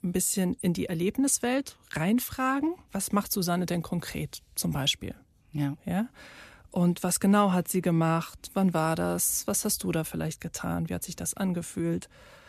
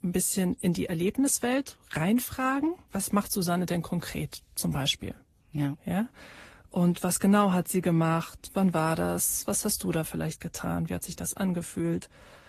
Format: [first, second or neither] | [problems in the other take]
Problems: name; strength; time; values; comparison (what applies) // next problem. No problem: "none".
first | garbled, watery; slightly; nothing above 14 kHz